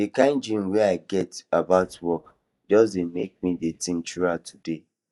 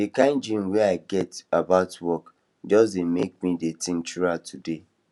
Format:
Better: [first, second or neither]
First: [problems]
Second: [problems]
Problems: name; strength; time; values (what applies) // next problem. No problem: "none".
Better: second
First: noise reduction (neural mask model DeepFilterNet 3)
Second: none